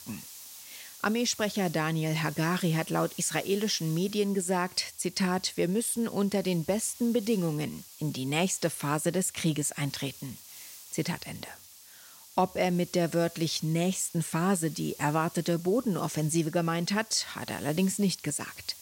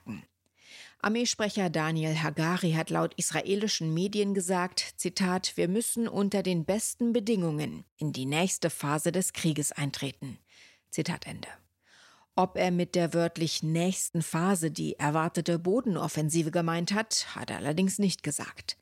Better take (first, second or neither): second